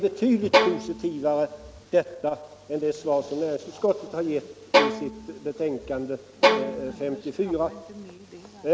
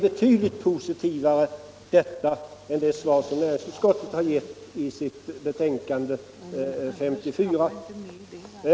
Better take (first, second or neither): second